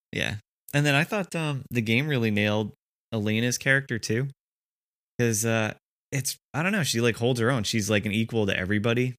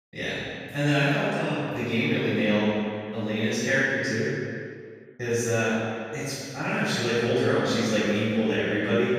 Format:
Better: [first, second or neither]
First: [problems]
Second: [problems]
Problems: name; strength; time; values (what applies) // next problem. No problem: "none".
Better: first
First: none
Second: room echo; strong; dies away in 2.1 s // off-mic speech; far